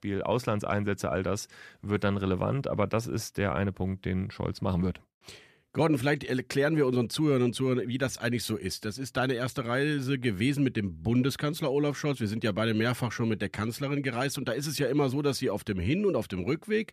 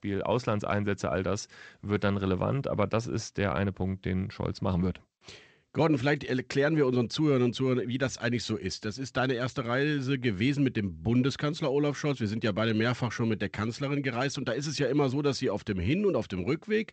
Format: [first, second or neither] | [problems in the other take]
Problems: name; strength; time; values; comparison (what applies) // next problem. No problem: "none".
first | garbled, watery; slightly; nothing above 7.5 kHz